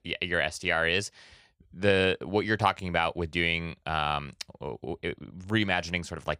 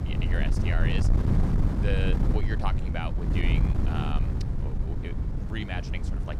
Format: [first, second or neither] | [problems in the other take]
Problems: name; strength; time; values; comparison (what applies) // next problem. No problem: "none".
first | wind noise on the microphone; heavy; 2 dB below the speech